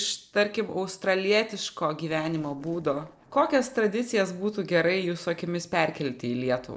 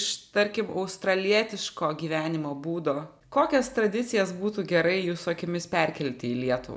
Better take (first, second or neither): second